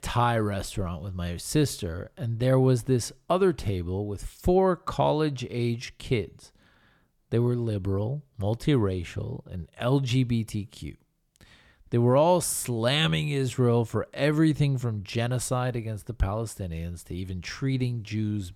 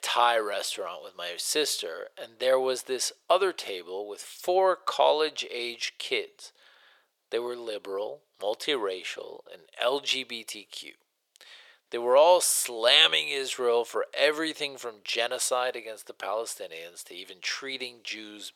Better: first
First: none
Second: thin; very; fading below 500 Hz

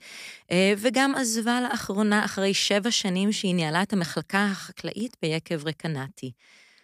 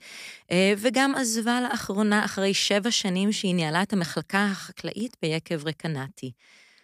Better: neither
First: none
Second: none

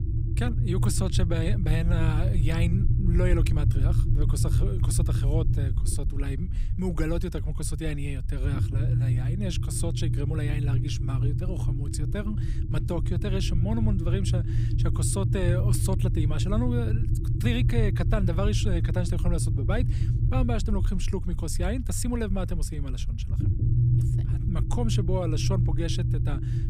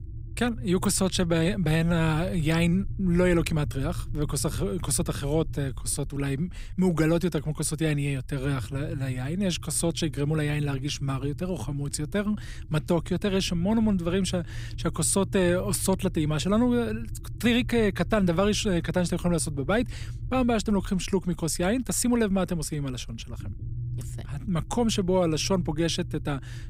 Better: second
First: low rumble; loud; throughout; 5 dB below the speech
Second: low rumble; faint; throughout; 25 dB below the speech

